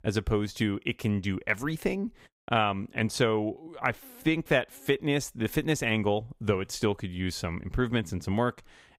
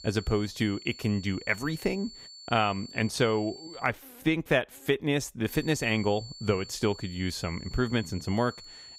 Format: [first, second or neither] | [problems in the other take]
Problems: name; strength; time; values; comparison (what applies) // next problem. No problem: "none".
first | high-pitched whine; noticeable; until 4 s and from 5.5 s on; 4.5 kHz, 15 dB below the speech